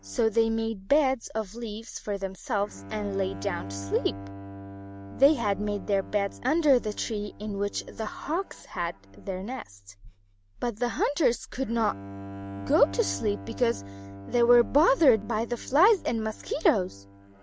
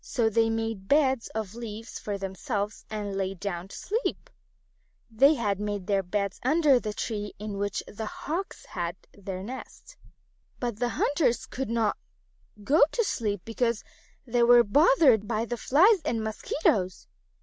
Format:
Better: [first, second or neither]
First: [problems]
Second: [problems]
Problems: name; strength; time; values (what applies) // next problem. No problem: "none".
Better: second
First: background sound (Bowed string instrument); 15 dB below the speech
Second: none